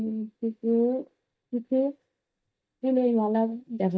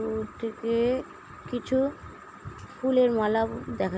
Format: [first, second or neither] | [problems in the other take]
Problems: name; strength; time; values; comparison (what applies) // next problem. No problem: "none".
second | noise reduction (neural mask model DeepFilterNet 3)